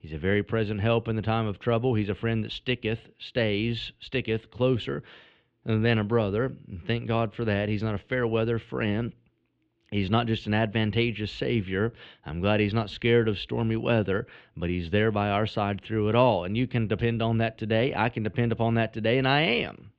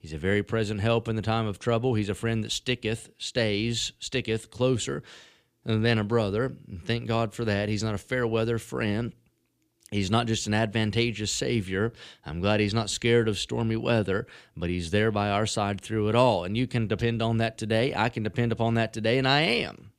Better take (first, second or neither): second